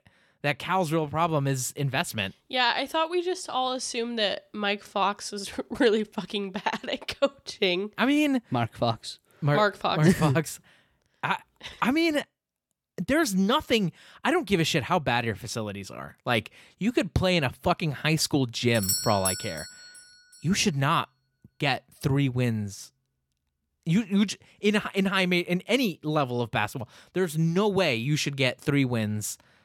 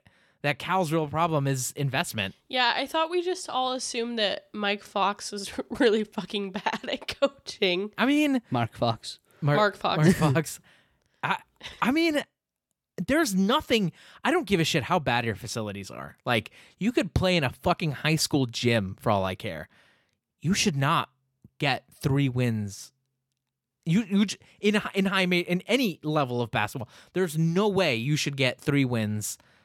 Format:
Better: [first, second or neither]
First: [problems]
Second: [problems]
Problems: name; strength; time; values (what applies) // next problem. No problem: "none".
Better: second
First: doorbell; noticeable; at 19 s; peak level with the speech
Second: none